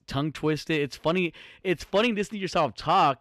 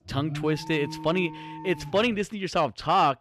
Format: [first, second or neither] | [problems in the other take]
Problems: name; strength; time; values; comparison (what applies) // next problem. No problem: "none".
first | alarm; noticeable; until 2 s; peak 8 dB below the speech